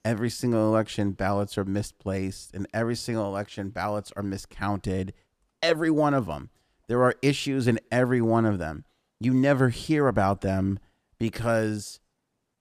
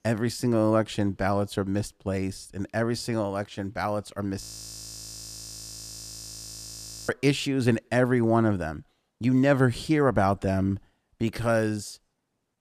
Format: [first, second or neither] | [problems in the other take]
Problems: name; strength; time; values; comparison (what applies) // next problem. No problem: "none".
first | audio freezing; at 4.5 s for 2.5 s